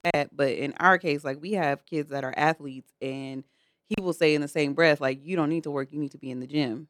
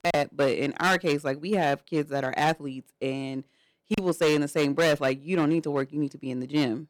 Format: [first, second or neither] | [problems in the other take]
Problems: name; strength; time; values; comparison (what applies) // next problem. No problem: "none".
first | distortion; heavy; 6% of the sound clipped